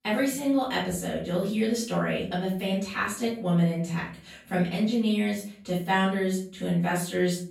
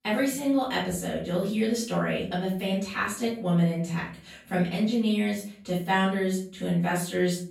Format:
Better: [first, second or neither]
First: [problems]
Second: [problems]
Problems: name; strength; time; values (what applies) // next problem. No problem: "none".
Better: neither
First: off-mic speech; far // room echo; noticeable; dies away in 0.4 s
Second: off-mic speech; far // room echo; noticeable; dies away in 0.4 s